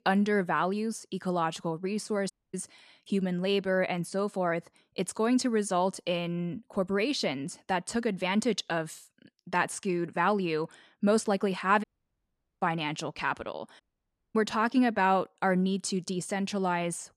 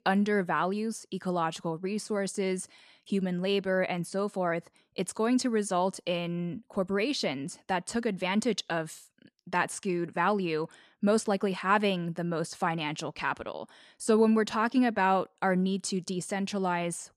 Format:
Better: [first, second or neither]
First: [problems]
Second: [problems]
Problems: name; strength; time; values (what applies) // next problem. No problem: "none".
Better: second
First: audio cutting out; at 2.5 s, at 12 s for 1 s and at 14 s for 0.5 s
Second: none